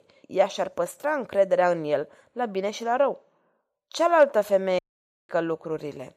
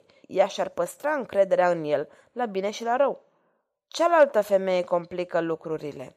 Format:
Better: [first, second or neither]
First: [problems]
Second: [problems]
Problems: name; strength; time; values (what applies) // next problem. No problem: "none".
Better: second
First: audio cutting out; at 5 s for 0.5 s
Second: none